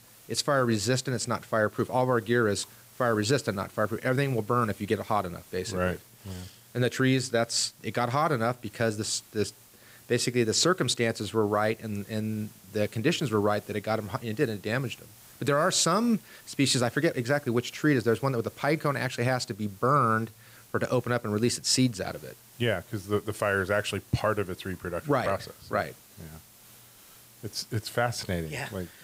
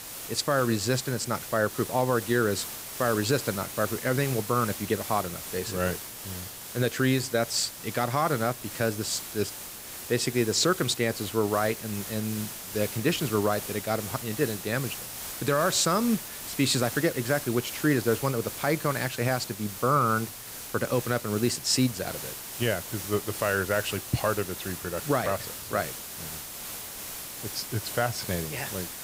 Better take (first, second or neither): first